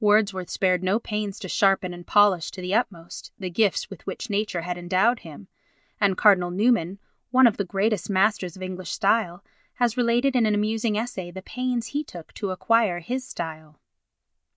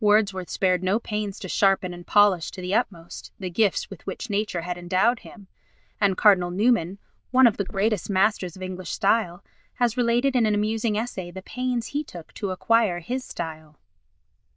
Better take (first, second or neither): first